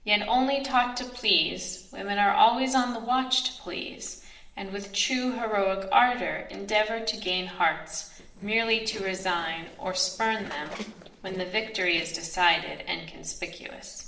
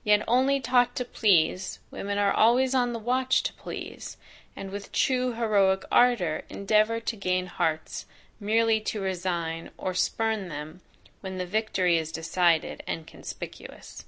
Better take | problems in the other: second | noise reduction (neural separator model SepFormer DNS4)

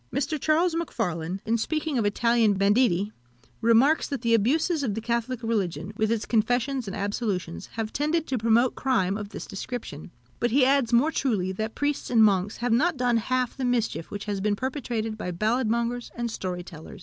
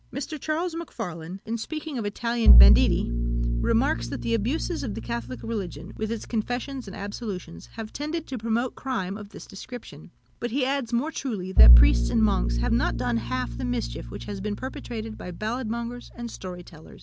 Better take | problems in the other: first | background sound (Bowed string instrument); 4 dB above the speech

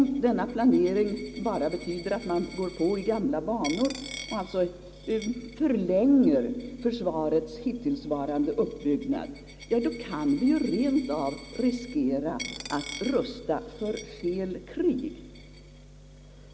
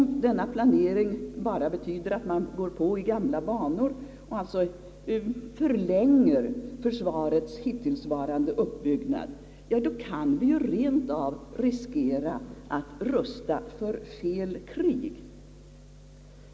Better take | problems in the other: second | background sound (Coin (dropping)); 19 dB below the speech

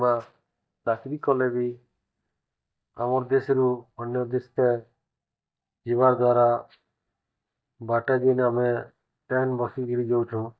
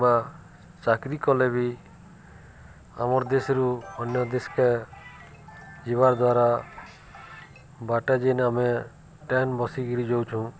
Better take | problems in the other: second | noise reduction (neural mask model DeepFilterNet 3)

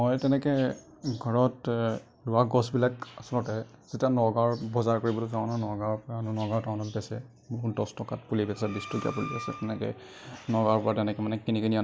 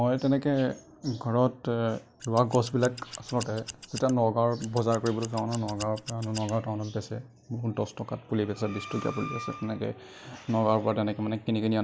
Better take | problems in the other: first | background sound (Scissors); 15 dB below the speech

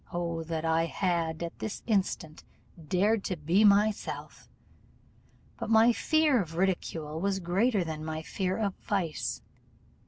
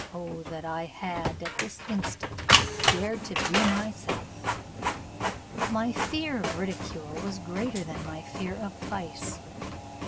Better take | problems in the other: first | background sound (Printer); 3 dB above the speech

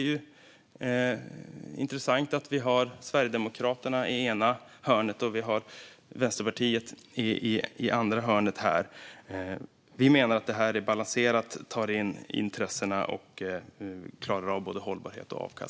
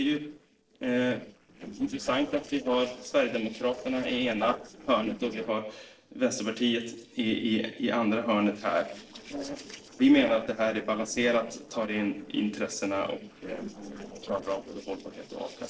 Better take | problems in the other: first | noise reduction (neural separator model SepFormer DNS4)

